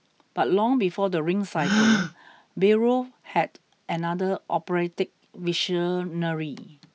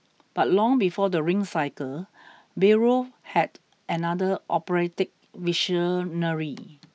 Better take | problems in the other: second | background sound (Gasp); 6 dB below the speech

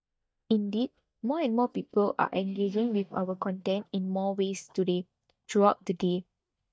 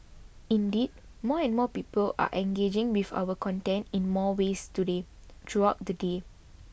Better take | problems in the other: second | noise reduction (neural mask model DeepFilterNet 3)

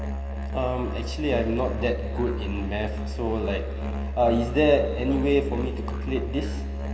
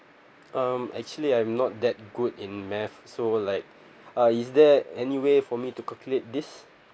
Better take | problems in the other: second | background sound (Musical instrument); 3 dB below the speech // room echo; dies away in 2.4 s

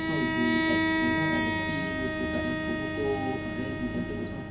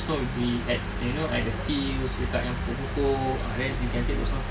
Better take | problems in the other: second | background sound (Bowed string instrument); 2 dB above the speech // room echo; dies away in 0.3 s

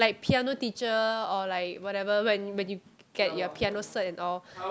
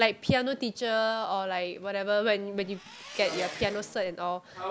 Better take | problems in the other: first | background sound (Engine); 14 dB below the speech

